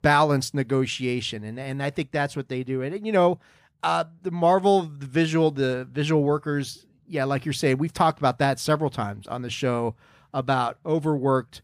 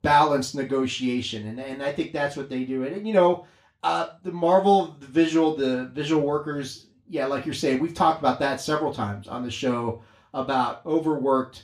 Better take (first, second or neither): first